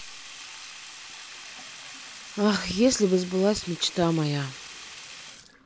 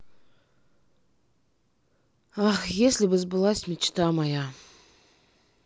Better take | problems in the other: second | background sound (Sink (filling or washing)); 15 dB below the speech

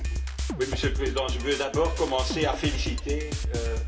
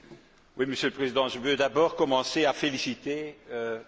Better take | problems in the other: second | background sound (Drum kit); as loud as the speech // room echo; dies away in 2.7 s

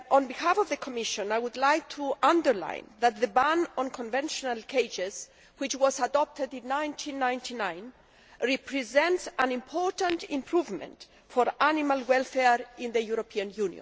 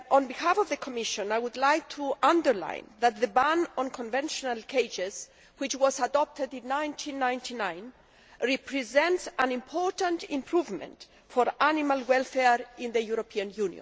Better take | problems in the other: second | background sound (Tap / Glass); 17 dB below the speech

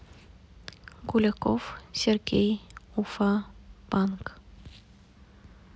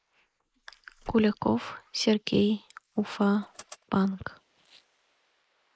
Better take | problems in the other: first | noise reduction (neural mask model Resemble Enhance denoiser)

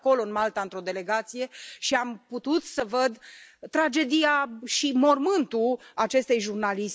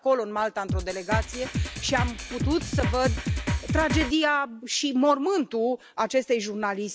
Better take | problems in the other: first | background sound (Drum kit); 2 dB below the speech

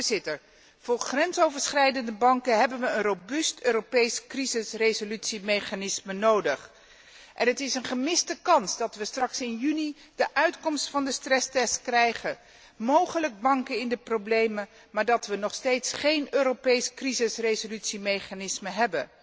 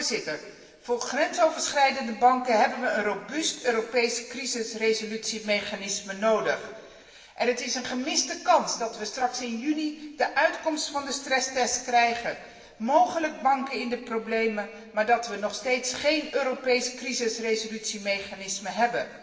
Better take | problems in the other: first | room echo; dies away in 1.4 s

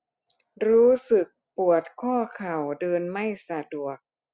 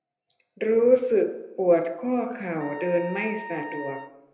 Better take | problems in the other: first | background sound (Wind instrument, woodwind instrument); 14 dB below the speech // room echo; dies away in 0.7 s

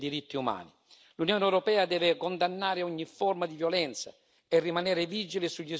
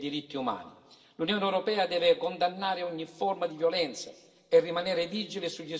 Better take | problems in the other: first | room echo; dies away in 1.4 s

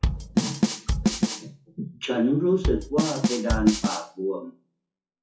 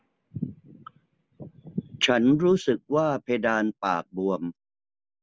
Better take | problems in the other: second | noise reduction (classical method WPE with log-MMSE)

